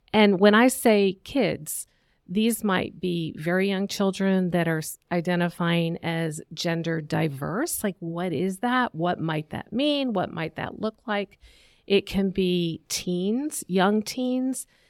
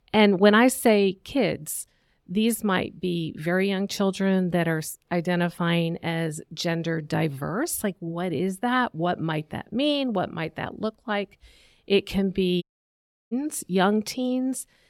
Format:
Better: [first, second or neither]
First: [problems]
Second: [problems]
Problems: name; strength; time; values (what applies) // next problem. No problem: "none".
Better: first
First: none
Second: audio cutting out; at 13 s for 0.5 s